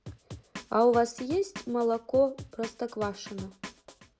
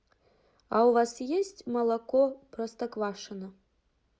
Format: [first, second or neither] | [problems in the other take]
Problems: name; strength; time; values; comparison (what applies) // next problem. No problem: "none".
second | background sound (Drum); 16 dB below the speech